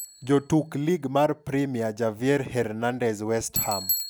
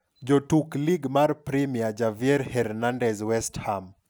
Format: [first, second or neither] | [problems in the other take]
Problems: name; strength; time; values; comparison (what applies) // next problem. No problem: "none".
second | background sound (Bicycle); 10 dB below the speech